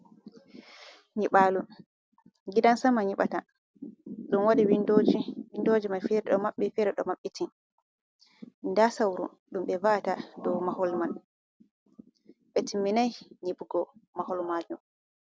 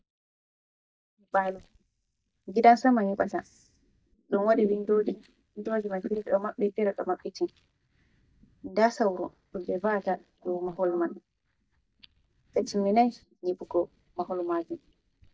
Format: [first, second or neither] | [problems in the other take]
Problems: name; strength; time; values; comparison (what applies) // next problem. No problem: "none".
first | noise reduction (neural mask model DeepFilterNet 3)